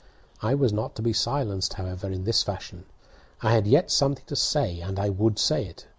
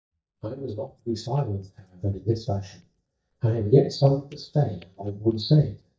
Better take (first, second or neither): first